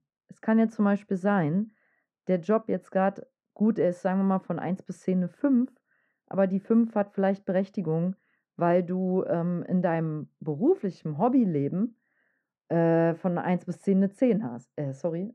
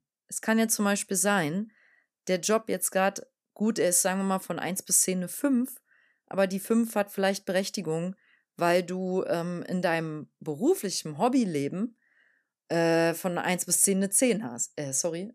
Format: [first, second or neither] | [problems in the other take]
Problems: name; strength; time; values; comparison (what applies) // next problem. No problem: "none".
second | muffled; very; fading above 1 kHz